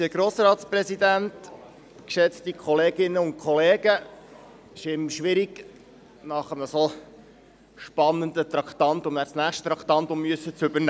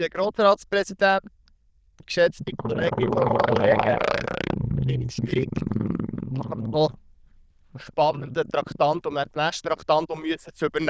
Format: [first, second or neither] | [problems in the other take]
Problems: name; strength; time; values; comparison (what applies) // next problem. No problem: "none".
first | noise reduction (neural diffusion model UNIVERSE++)